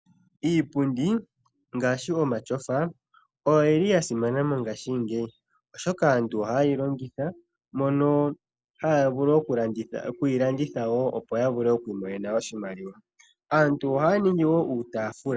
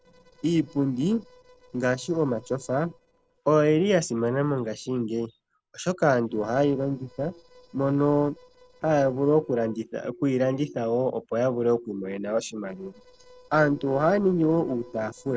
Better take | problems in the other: first | noise reduction (neural separator model SepFormer DNS4)

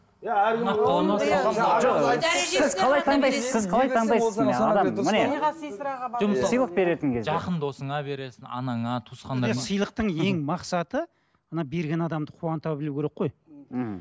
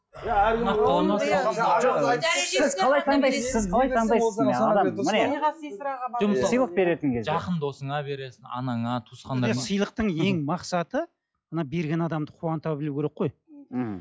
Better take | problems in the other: first | noise reduction (classical method log-MMSE)

